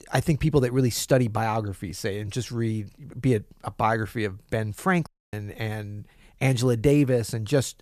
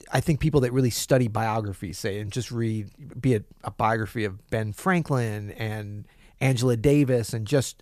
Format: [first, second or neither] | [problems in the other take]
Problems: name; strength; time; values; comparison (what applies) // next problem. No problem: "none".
second | audio cutting out; at 5 s